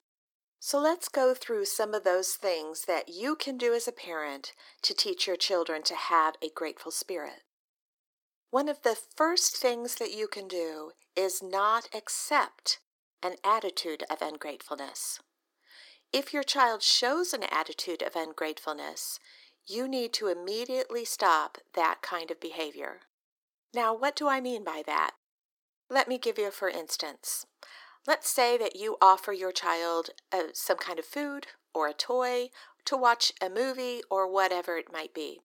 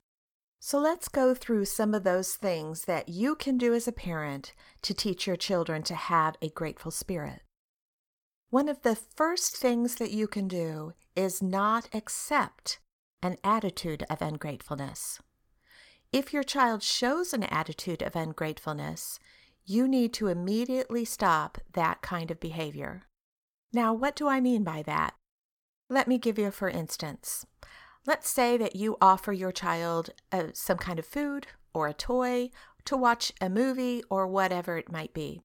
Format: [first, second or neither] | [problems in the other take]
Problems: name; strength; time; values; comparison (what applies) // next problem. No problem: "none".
second | thin; somewhat; fading below 300 Hz